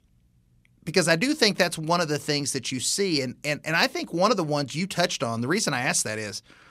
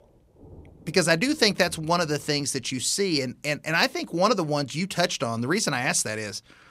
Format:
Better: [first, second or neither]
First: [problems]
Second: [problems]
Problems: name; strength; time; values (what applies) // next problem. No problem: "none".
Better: first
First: none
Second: rain or running water; faint; throughout; 30 dB below the speech